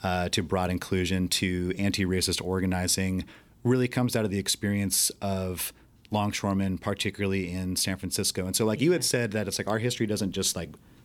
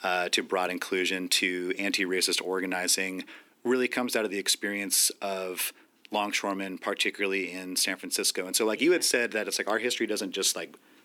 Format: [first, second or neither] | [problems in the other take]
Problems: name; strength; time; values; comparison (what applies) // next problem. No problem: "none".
first | thin; somewhat; fading below 300 Hz